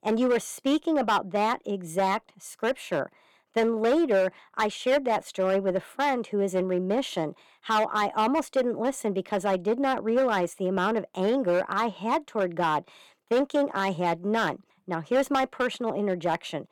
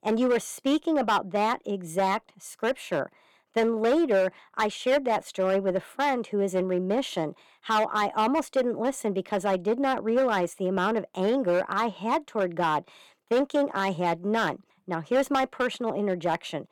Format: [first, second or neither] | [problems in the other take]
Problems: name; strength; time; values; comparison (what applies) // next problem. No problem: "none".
neither | distortion; slight; 6% of the sound clipped; the same in both